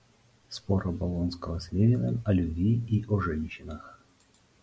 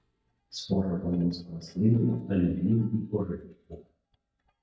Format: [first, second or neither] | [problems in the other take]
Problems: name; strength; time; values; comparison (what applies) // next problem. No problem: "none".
first | noise reduction (neural mask model DeepFilterNet 3)